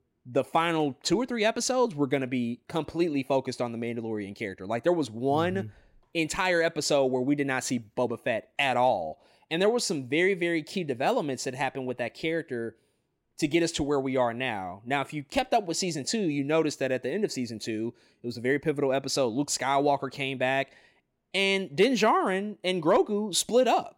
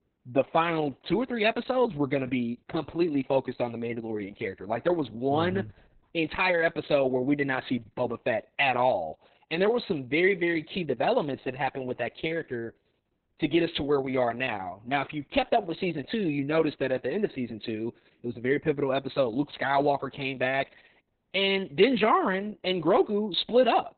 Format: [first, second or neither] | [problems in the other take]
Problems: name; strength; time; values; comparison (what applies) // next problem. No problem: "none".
first | garbled, watery; badly; nothing above 4 kHz